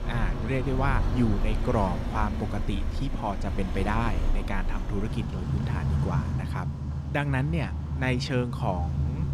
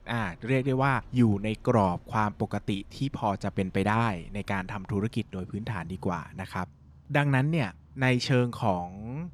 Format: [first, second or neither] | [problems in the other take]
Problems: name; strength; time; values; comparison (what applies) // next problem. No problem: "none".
second | traffic noise; loud; throughout; as loud as the speech; faint in the second